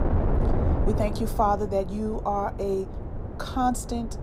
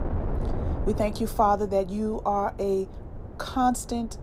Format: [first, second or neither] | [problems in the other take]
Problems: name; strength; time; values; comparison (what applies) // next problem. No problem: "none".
second | wind noise on the microphone; heavy; 10 dB below the speech; occasional gusts in the second